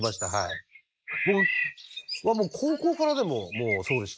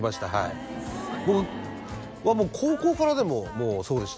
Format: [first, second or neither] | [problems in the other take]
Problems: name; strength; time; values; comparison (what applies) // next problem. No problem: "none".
second | noise reduction (neural mask model Resemble Enhance denoiser)